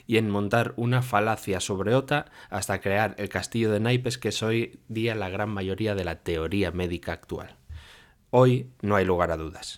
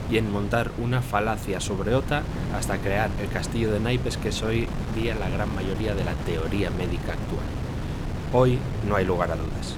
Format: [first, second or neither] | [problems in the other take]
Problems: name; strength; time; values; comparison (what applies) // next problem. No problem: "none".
first | wind noise on the microphone; heavy; 9 dB below the speech